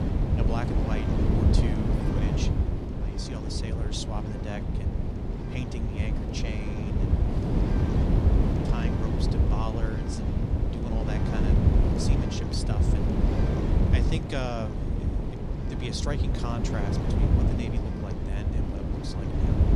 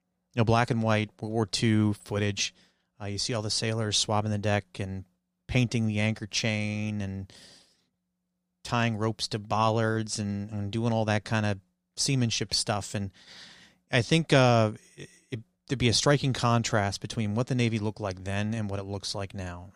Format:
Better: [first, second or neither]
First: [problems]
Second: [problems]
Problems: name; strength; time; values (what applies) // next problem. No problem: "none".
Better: second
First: wind noise on the microphone; heavy; 3 dB above the speech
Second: none